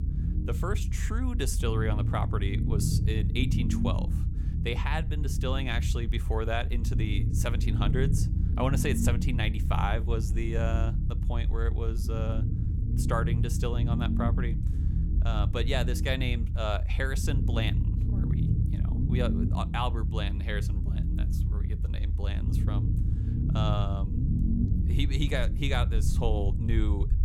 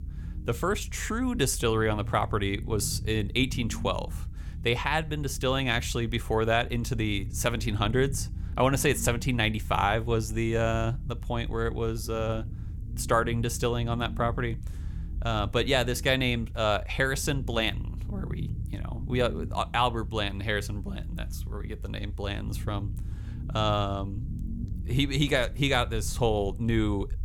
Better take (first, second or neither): second